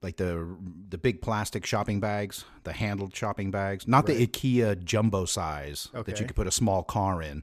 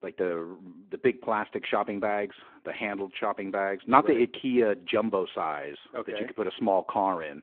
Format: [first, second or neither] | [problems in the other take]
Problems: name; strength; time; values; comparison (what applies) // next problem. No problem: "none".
first | phone-call audio